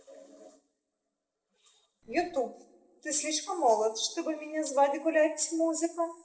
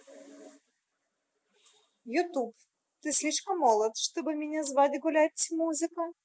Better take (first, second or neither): second